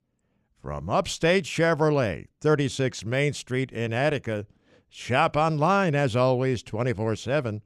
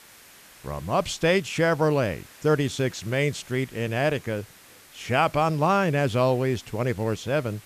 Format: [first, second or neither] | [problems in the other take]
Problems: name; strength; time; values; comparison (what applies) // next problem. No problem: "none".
first | hiss; faint; throughout; 25 dB below the speech